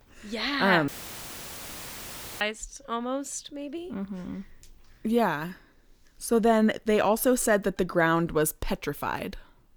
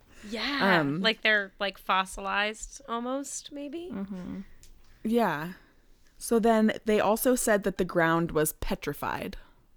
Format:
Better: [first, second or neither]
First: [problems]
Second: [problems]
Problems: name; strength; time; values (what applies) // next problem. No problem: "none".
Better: second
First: audio cutting out; filled with static; at 1 s for 1.5 s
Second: none